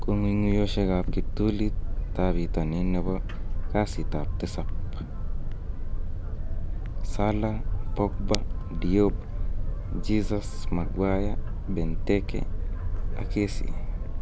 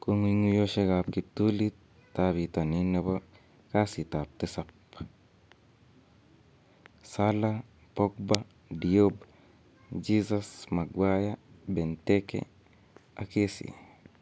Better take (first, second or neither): second